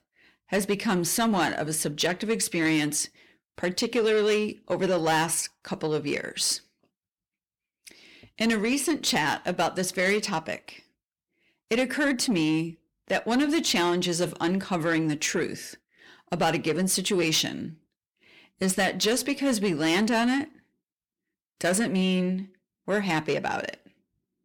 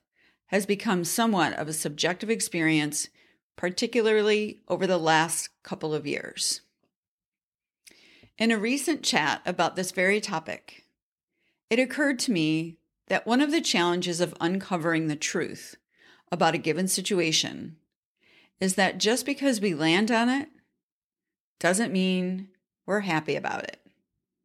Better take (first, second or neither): second